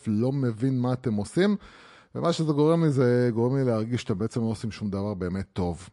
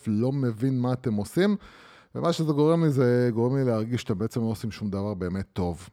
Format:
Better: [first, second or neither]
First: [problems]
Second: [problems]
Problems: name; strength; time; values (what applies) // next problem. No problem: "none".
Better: second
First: garbled, watery; slightly; nothing above 9.5 kHz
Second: none